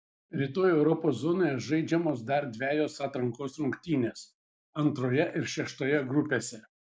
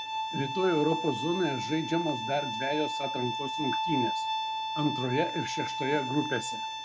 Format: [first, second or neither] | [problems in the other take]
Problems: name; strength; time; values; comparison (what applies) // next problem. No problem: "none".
first | background sound (Bowed string instrument); 2 dB below the speech